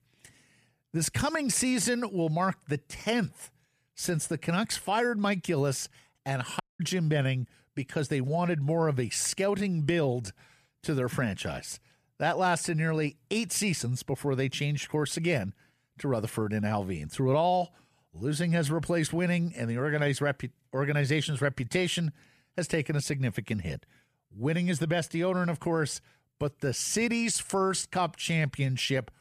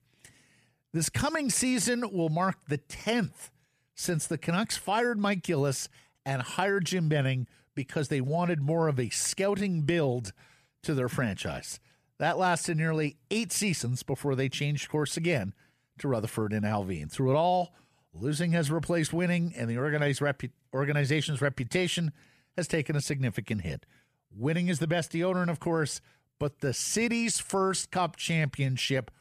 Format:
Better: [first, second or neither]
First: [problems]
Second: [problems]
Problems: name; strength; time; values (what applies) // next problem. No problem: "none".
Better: second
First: audio cutting out; at 6.5 s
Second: none